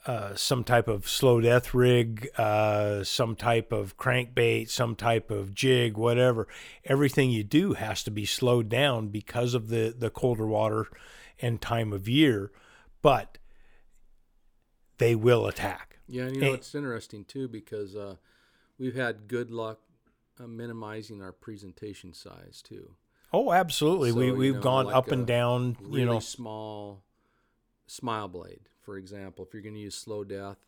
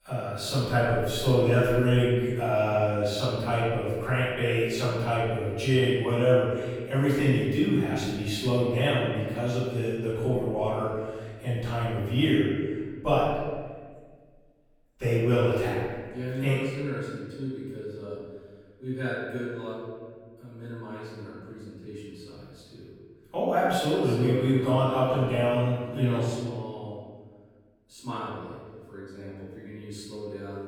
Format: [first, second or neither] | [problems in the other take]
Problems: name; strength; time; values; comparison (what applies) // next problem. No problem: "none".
first | off-mic speech; far // room echo; strong; dies away in 1.5 s